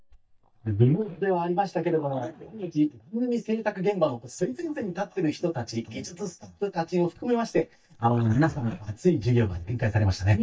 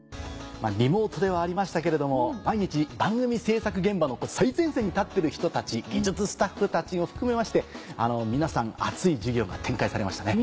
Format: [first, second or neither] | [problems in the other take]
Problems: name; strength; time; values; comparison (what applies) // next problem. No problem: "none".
second | noise reduction (neural mask model DeepFilterNet 3)